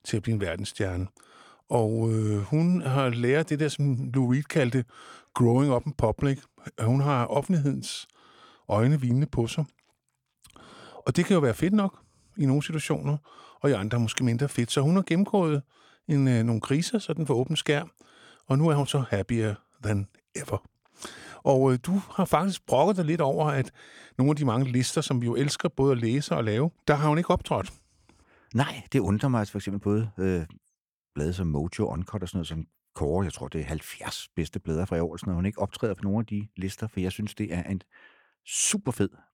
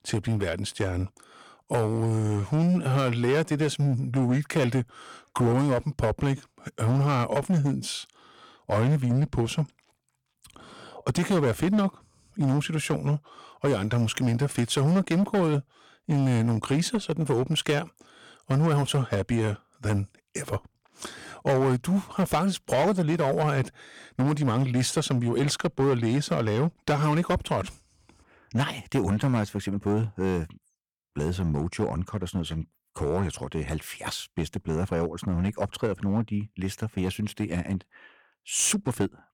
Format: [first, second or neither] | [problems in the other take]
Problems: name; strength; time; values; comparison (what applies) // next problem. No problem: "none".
first | distortion; slight; 8% of the sound clipped